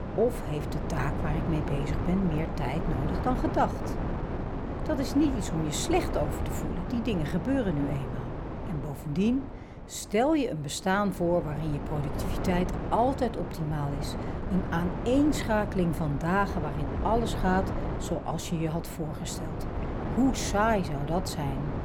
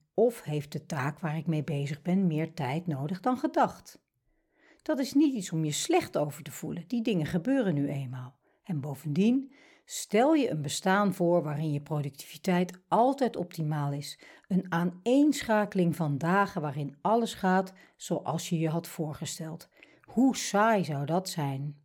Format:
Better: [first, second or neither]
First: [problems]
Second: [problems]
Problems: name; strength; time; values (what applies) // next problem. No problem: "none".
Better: second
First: wind noise on the microphone; heavy; 7 dB below the speech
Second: none